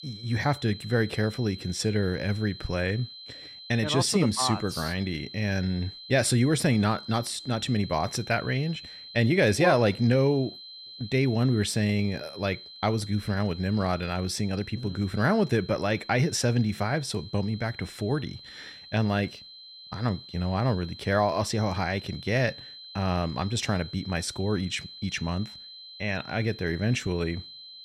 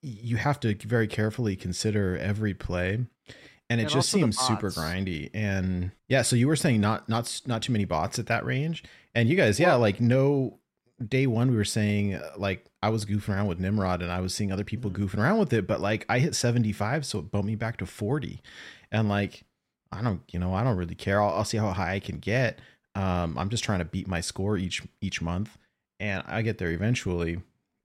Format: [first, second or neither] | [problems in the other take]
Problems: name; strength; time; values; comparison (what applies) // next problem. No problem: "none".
second | high-pitched whine; noticeable; throughout; 4 kHz, 15 dB below the speech